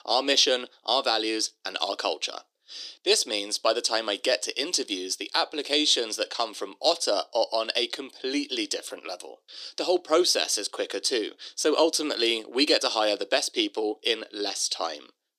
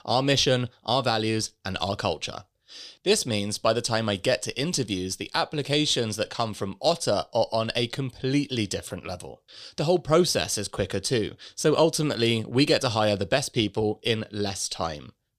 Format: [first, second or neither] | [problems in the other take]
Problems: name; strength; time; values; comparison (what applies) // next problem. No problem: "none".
second | thin; somewhat; fading below 300 Hz